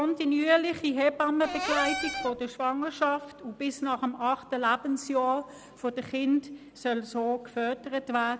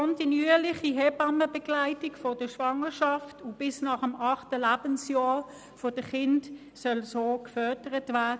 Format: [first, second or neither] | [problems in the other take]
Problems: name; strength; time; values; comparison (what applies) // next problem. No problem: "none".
second | background sound (Cupboard open or close / Door); 5 dB below the speech